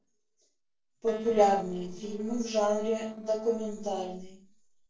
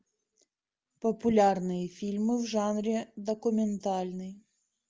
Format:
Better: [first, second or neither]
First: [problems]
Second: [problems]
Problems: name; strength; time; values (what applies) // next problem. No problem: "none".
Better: second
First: noise reduction (neural separator model SepFormer DNS4)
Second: none